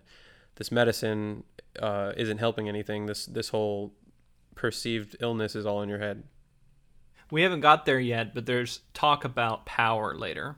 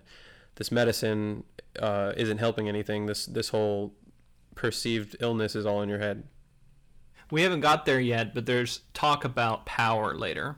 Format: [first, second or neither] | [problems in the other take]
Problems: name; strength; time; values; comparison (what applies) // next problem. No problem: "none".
first | distortion; slight; 10 dB below the speech